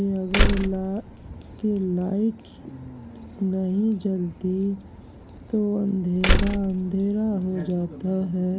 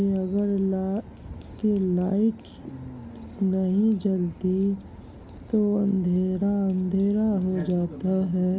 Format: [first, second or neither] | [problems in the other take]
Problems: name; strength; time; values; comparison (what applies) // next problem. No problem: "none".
second | background sound (Slam); 3 dB above the speech